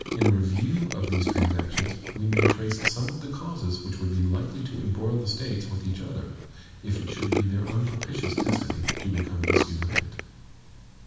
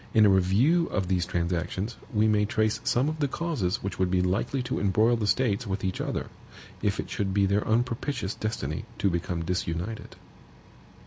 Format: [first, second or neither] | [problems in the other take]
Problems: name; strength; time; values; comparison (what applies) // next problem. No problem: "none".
second | background sound (Tools); 3 dB below the speech // room echo; dies away in 1.1 s